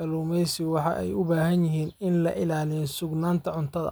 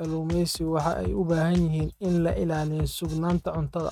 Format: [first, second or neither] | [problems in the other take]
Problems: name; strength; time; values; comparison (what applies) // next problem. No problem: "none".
first | noise reduction (neural mask model RNNoise)